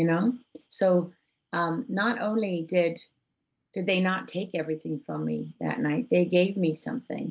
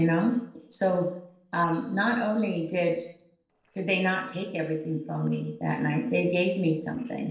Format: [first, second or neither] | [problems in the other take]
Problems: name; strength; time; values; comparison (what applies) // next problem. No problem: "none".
first | noise reduction (neural separator model SepFormer DNS4)